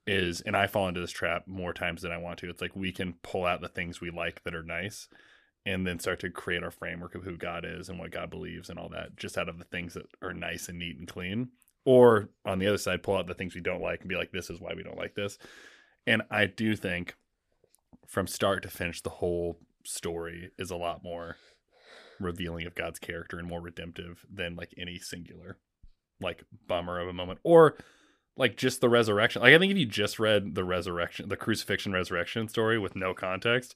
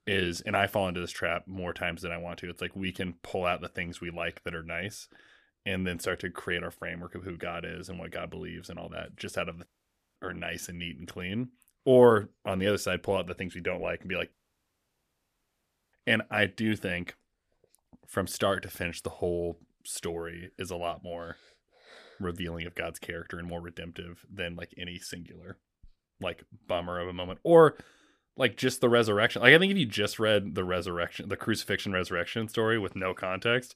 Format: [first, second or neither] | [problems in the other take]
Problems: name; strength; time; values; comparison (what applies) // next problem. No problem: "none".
first | audio cutting out; at 9.5 s for 0.5 s and at 14 s for 1.5 s